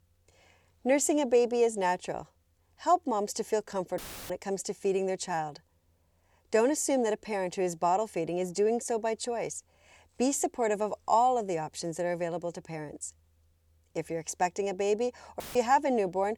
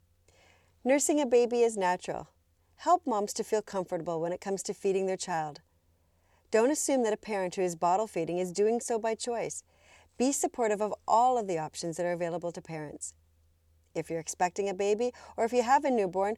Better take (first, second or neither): second